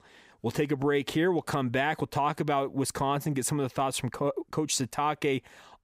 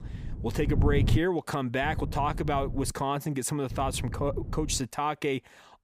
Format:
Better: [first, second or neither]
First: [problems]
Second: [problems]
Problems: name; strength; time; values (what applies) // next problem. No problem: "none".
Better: first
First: none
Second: wind noise on the microphone; occasional gusts; until 1 s, from 2 to 3 s and from 3.5 to 5 s; 15 dB below the speech